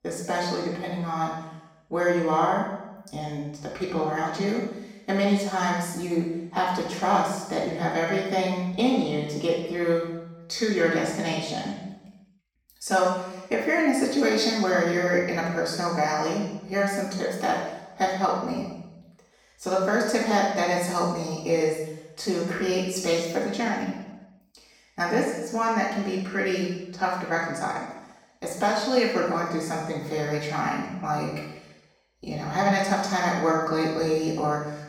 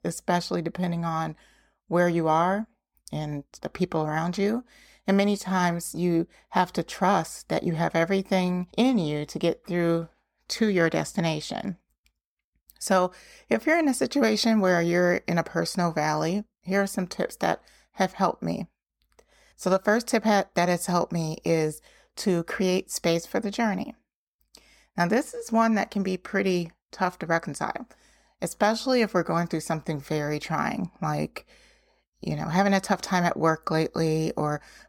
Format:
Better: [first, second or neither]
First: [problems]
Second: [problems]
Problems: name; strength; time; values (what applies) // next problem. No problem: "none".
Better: second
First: room echo; strong; dies away in 0.8 s // off-mic speech; far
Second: none